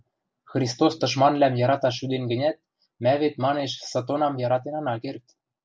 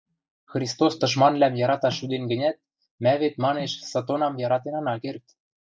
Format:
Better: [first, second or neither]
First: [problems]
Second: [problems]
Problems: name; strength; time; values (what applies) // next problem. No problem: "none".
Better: first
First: none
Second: noise reduction (neural mask model DeepFilterNet 3)